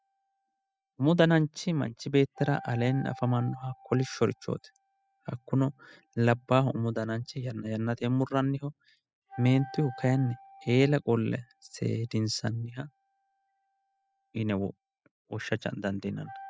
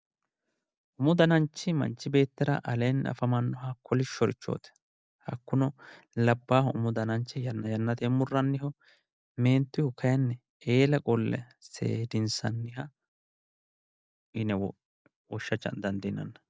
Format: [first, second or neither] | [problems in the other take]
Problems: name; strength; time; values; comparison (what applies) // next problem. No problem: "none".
second | noise reduction (classical method spectral subtraction)